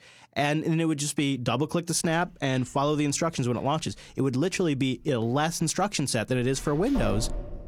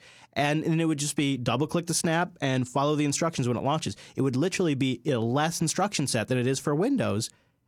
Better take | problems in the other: second | door banging; noticeable; from 6.5 s on; peak 7 dB below the speech

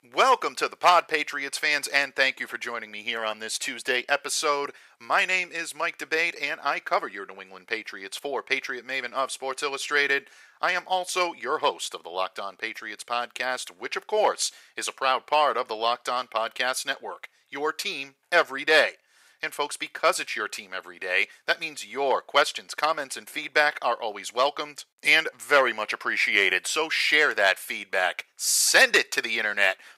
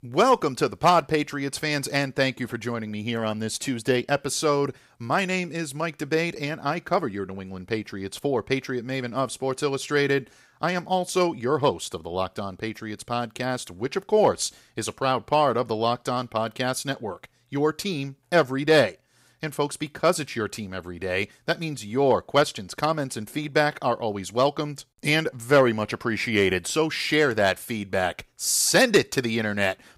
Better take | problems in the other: second | thin; very; fading below 600 Hz

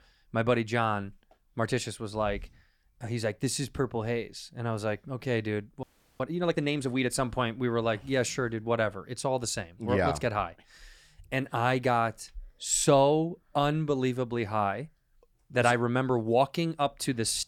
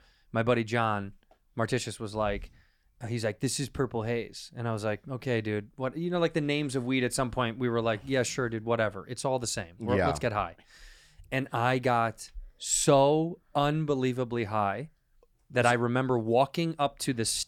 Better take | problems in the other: second | audio freezing; at 6 s

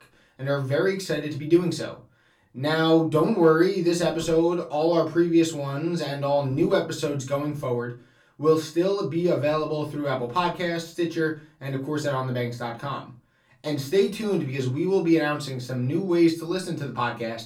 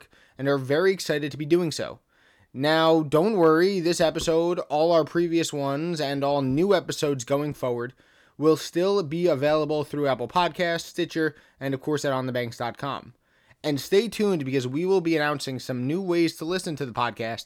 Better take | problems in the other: second | off-mic speech; far // room echo; very slight; dies away in 0.2 s

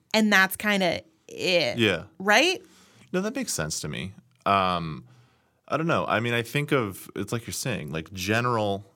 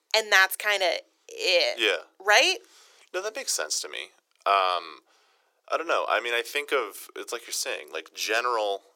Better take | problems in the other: first | thin; very; fading below 400 Hz

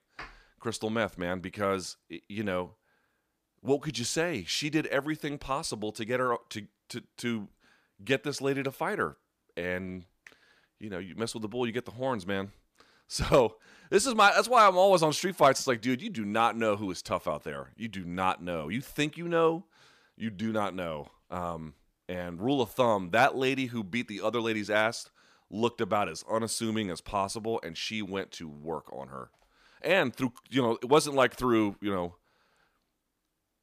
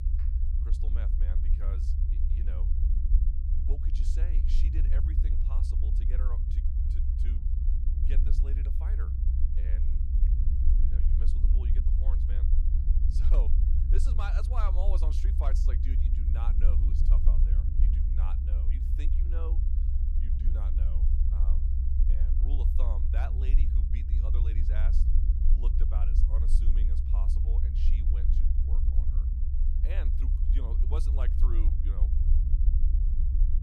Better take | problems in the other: first | low rumble; loud; throughout; 1 dB below the speech

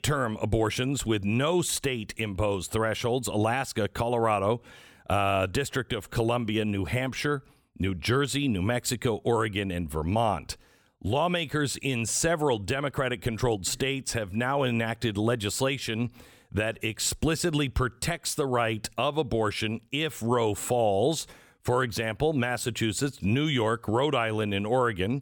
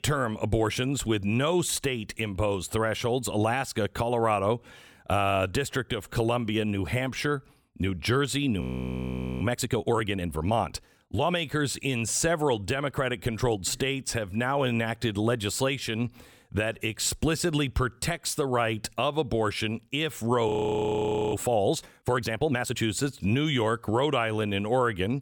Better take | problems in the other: first | audio freezing; at 8.5 s for 1 s and at 20 s for 1 s

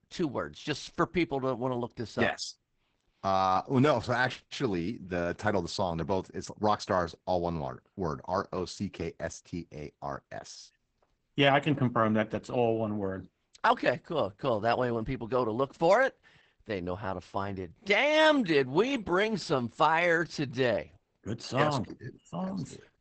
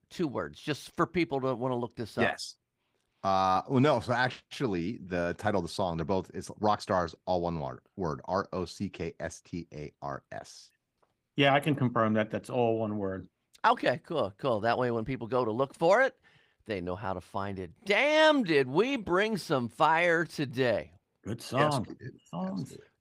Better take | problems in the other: second | garbled, watery; badly; nothing above 8 kHz; slightly in the second

